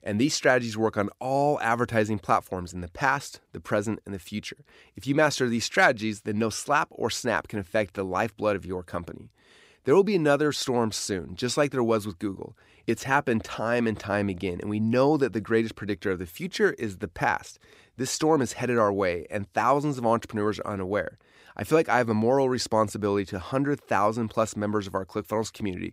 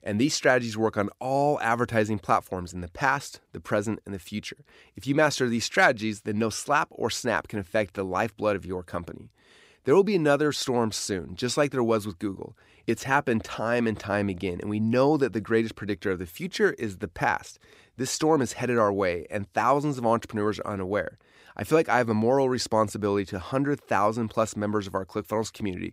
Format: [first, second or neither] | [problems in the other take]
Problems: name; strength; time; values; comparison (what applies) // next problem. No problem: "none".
neither | none